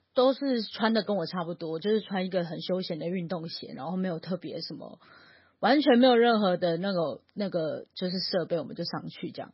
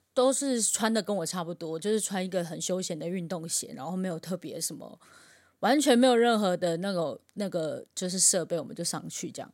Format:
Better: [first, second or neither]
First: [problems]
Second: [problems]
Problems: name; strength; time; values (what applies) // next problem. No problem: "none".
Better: second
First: garbled, watery; badly; nothing above 5.5 kHz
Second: none